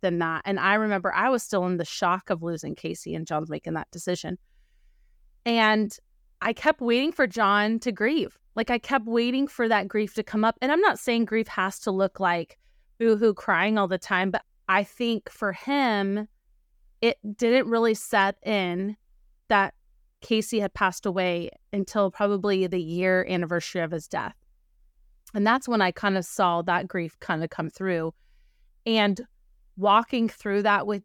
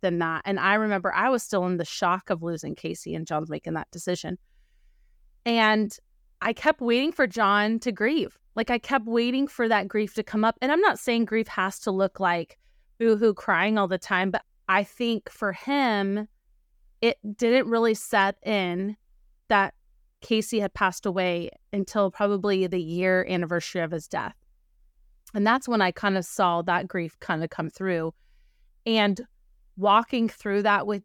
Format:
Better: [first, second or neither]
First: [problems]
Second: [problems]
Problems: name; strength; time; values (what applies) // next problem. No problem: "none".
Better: neither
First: none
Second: none